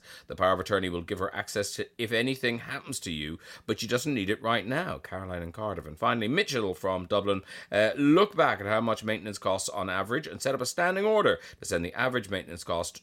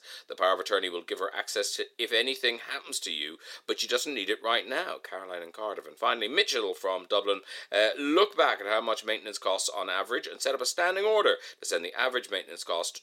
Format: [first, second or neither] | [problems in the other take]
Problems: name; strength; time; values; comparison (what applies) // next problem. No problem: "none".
first | thin; somewhat; fading below 350 Hz